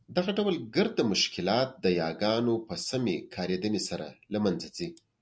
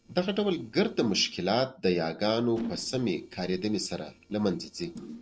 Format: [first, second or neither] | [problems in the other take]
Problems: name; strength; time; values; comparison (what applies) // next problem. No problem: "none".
first | noise reduction (neural separator model SepFormer DNS4)